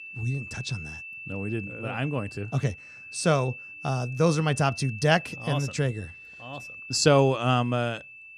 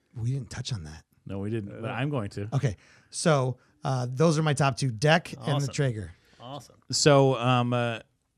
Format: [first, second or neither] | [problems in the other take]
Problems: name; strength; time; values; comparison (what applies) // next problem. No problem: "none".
second | high-pitched whine; noticeable; throughout; 2.5 kHz, 15 dB below the speech